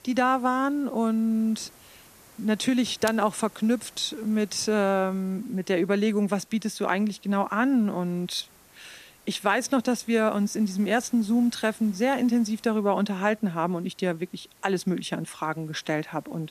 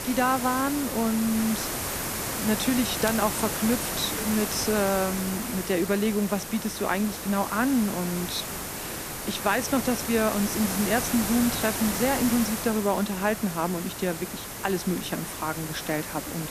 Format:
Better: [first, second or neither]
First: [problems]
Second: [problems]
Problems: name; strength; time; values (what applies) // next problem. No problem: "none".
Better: first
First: hiss; faint; throughout; 25 dB below the speech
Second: hiss; loud; throughout; 4 dB below the speech